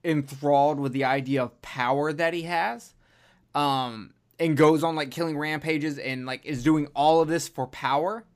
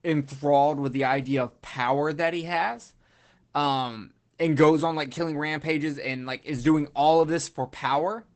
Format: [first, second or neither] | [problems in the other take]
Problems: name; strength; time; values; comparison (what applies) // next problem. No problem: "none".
first | garbled, watery; badly; nothing above 8 kHz